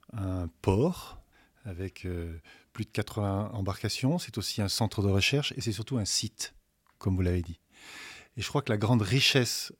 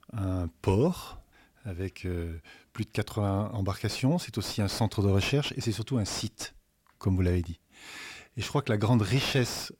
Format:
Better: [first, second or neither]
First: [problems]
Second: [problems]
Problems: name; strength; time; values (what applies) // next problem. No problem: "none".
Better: first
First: none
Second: distortion; slight; 10 dB below the speech